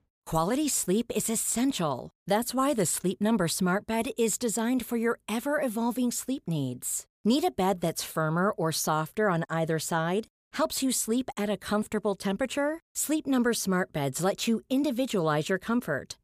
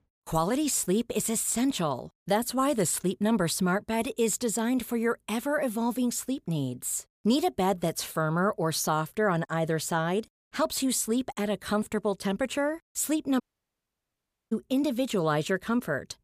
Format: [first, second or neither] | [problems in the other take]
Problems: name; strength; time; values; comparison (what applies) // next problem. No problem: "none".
first | audio cutting out; at 13 s for 1 s